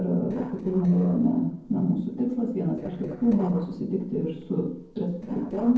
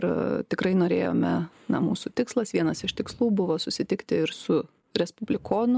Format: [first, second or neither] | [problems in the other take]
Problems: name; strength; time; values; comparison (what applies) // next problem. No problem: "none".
second | noise reduction (neural separator model SepFormer DNS4)